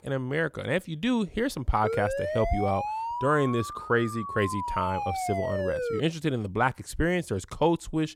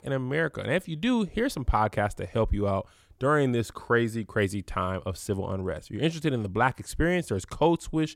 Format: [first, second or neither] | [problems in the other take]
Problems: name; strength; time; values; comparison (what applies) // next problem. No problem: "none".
second | siren; noticeable; from 2 to 6 s; peak 2 dB below the speech